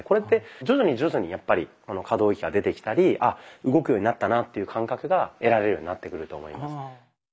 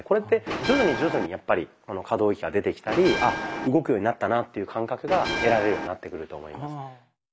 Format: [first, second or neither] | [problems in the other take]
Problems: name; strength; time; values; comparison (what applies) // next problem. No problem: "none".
first | background sound (Bell); 3 dB below the speech